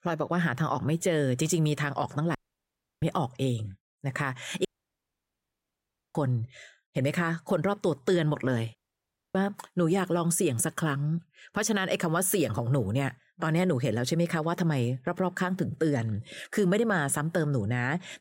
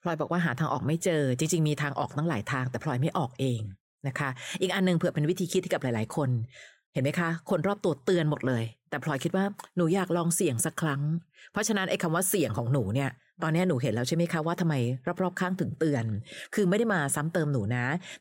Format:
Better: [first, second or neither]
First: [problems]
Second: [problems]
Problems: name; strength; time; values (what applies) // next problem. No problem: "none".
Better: second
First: audio cutting out; at 2.5 s for 0.5 s, at 4.5 s for 1.5 s and at 9 s for 0.5 s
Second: none